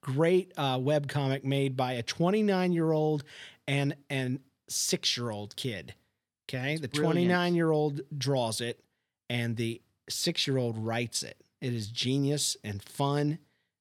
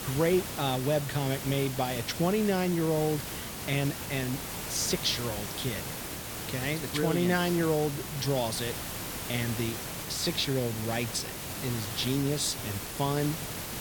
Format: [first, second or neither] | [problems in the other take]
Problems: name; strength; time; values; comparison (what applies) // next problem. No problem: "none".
first | hiss; loud; throughout; 6 dB below the speech